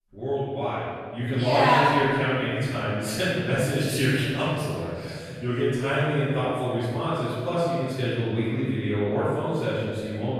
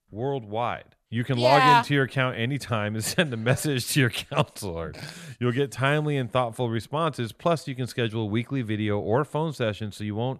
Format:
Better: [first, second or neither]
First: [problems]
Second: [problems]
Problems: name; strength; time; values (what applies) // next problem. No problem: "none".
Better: second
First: room echo; strong; dies away in 1.6 s // off-mic speech; far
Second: none